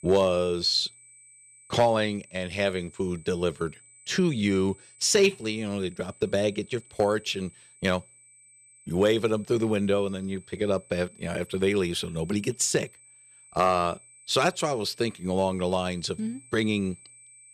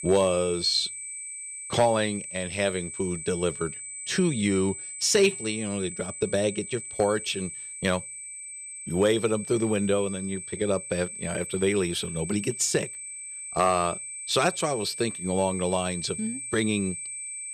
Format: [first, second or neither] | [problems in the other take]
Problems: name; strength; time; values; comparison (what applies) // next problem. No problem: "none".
first | high-pitched whine; loud; throughout; 8.5 kHz, 8 dB below the speech; faint in the first